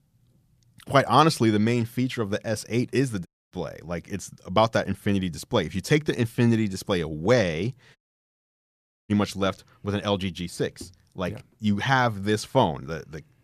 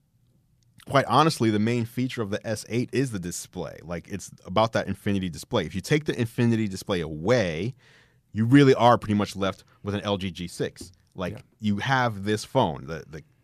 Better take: second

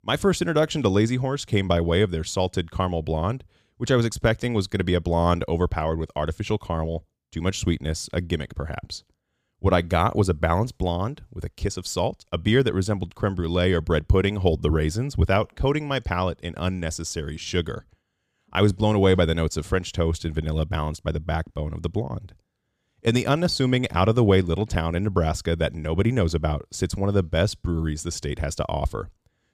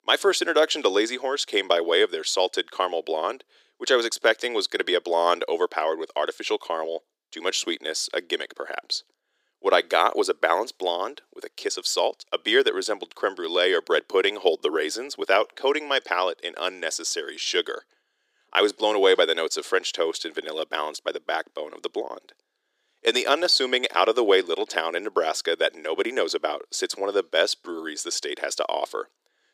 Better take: first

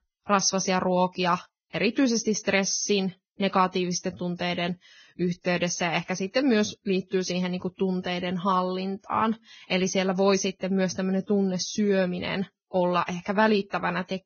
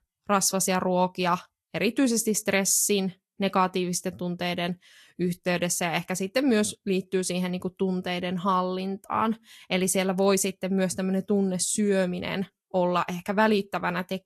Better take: second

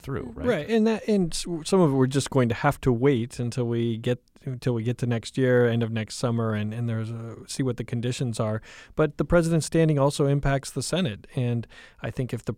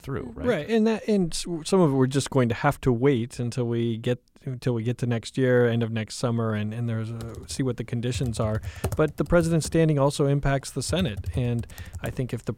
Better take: first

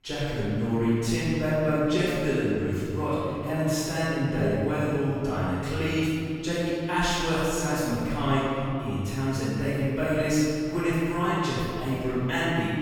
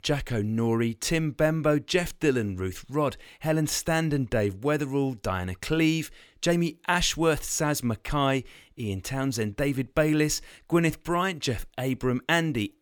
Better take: second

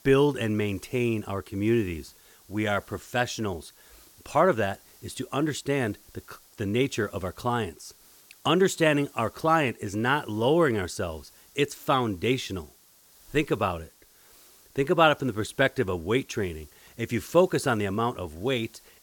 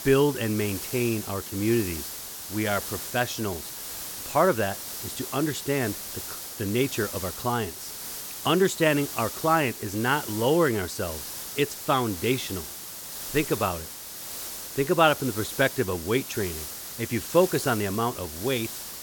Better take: first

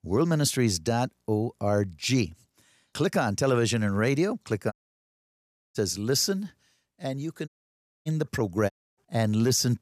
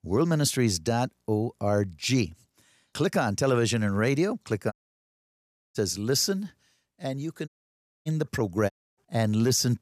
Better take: neither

